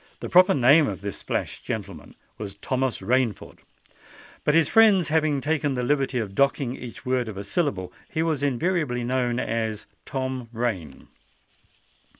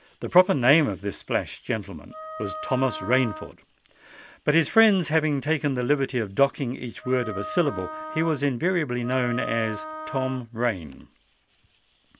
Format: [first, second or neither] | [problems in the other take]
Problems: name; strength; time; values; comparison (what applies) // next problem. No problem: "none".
first | background sound (Wind instrument, woodwind instrument); 11 dB below the speech